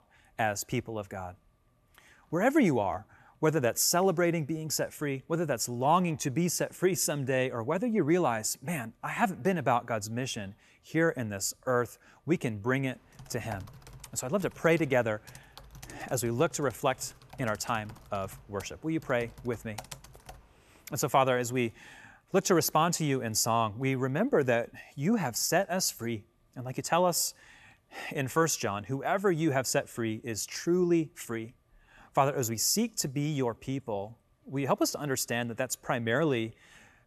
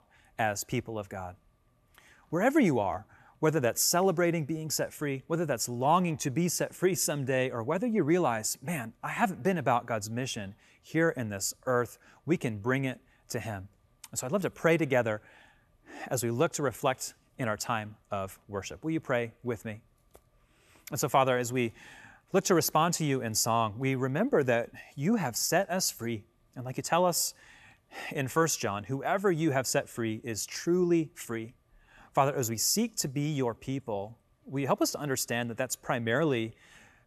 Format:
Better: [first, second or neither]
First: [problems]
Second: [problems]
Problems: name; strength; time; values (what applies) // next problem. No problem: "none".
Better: second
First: keyboard typing; faint; from 13 to 20 s; peak 15 dB below the speech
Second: none